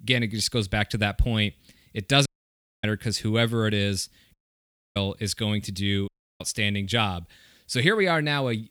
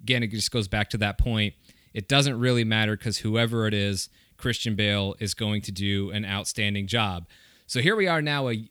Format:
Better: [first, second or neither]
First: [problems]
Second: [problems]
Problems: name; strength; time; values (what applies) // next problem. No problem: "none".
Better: second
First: audio cutting out; at 2.5 s for 0.5 s, at 4.5 s for 0.5 s and at 6 s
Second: none